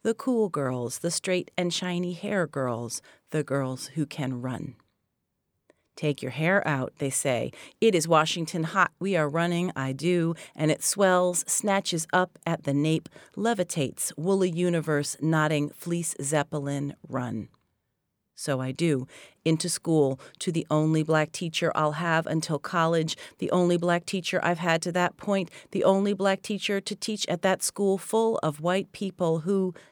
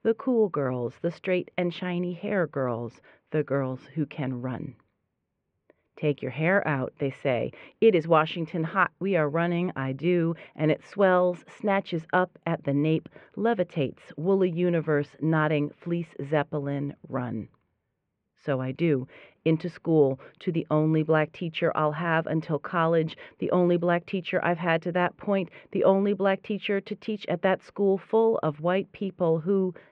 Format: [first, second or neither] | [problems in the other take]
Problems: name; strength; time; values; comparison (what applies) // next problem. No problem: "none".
first | muffled; very; fading above 2.5 kHz